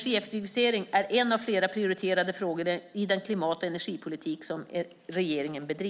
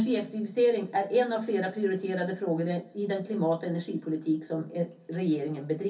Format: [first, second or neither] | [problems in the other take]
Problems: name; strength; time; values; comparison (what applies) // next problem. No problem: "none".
first | room echo; dies away in 0.3 s